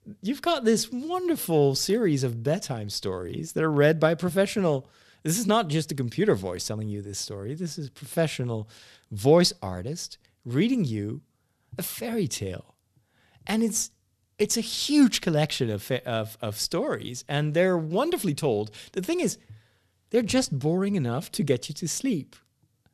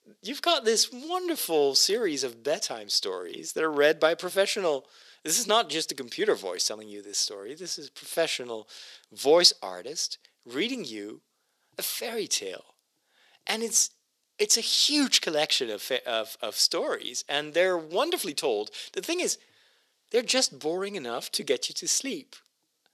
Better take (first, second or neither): first